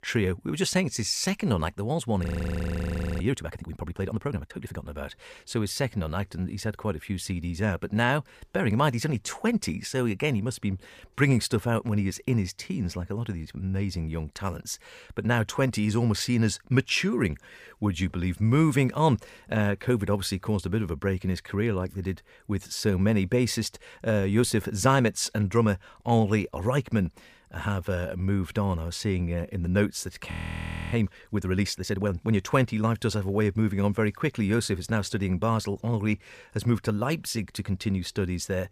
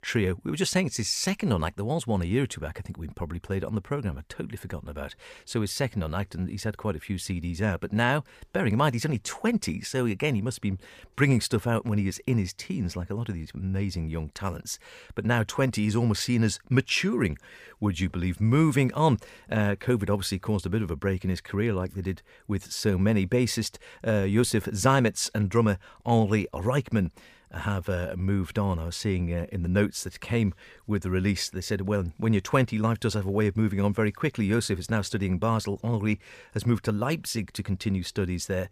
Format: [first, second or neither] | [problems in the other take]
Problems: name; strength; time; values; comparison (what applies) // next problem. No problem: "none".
second | audio freezing; at 2 s for 1 s and at 30 s for 0.5 s